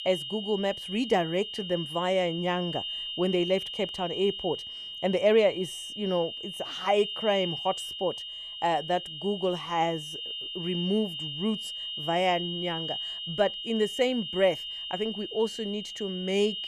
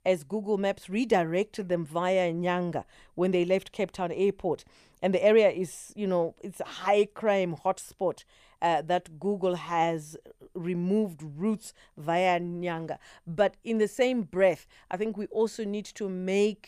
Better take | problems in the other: second | high-pitched whine; loud; throughout; 3 kHz, 6 dB below the speech

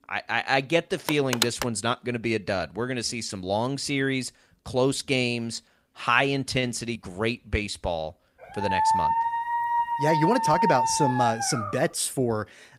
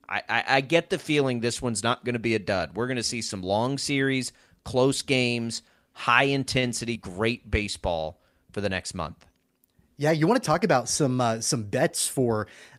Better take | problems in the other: second | phone ringing; loud; at 1 s; peak level with the speech // dog barking; loud; from 8.5 to 12 s; peak 4 dB above the speech

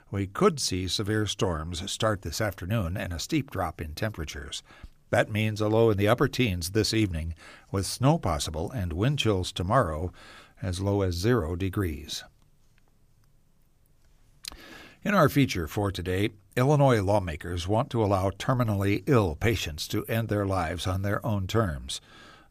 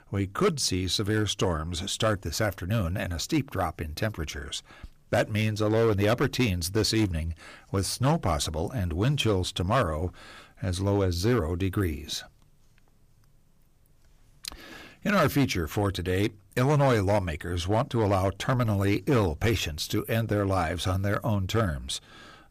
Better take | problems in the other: first | distortion; slight; 4% of the sound clipped

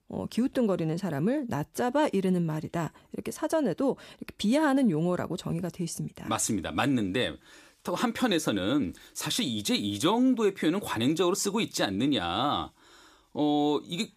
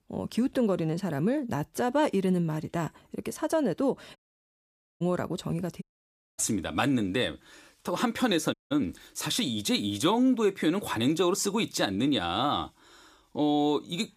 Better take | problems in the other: first | audio cutting out; at 4 s for 1 s, at 6 s for 0.5 s and at 8.5 s

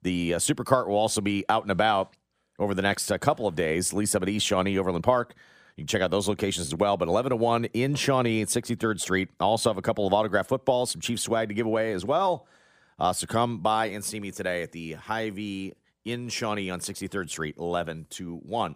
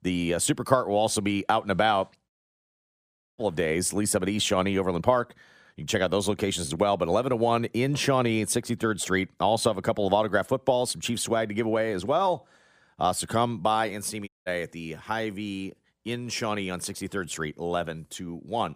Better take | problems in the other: first | audio cutting out; at 2.5 s for 1 s and at 14 s

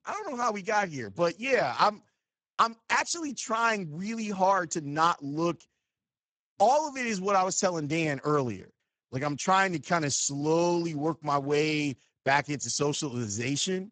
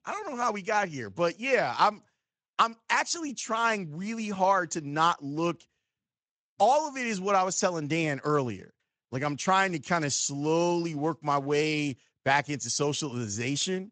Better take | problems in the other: second | garbled, watery; badly; nothing above 7.5 kHz; slightly in the second

